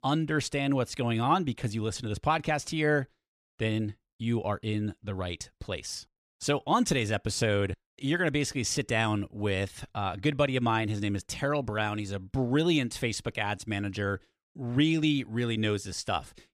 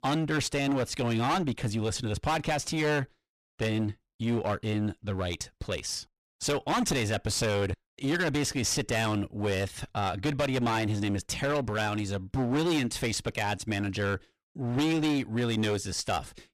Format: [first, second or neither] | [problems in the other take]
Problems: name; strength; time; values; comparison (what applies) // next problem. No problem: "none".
first | distortion; heavy; 16% of the sound clipped